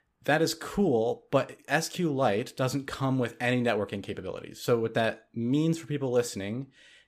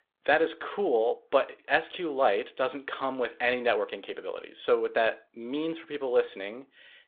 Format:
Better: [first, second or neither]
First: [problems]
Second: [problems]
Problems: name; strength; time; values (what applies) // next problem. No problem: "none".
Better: first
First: none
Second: phone-call audio; nothing above 3.5 kHz